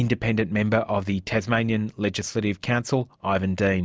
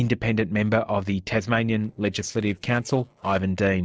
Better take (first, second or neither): first